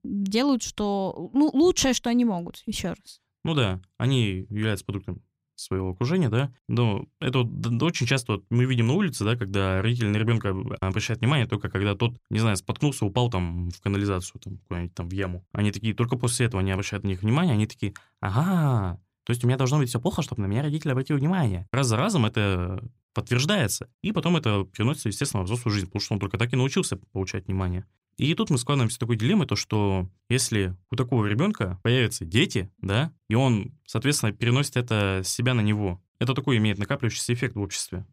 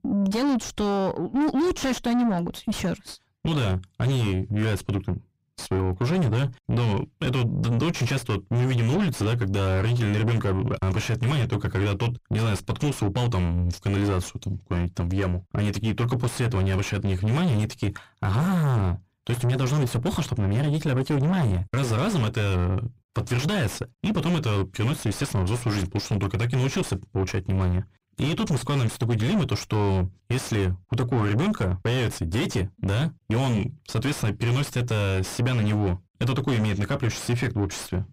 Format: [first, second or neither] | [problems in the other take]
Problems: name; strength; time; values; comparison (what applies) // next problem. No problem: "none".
first | distortion; heavy; 5 dB below the speech